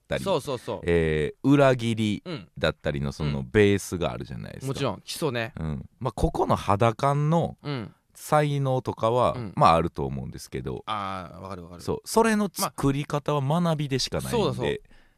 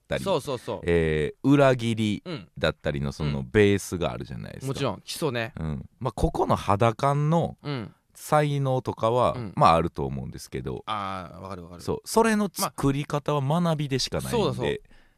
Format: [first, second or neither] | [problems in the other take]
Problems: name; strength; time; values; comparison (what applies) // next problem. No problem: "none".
neither | none